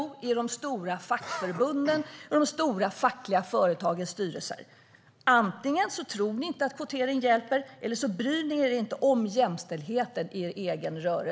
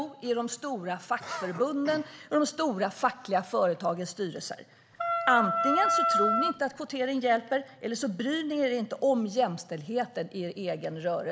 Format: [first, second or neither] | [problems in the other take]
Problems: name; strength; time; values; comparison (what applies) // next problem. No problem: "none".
first | background sound (Wind instrument, woodwind instrument); 2 dB above the speech